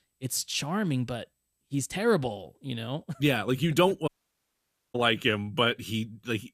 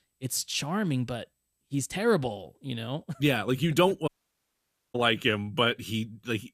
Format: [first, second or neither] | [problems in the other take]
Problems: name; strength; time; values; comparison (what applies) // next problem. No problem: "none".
neither | audio cutting out; at 4 s for 1 s; the same in both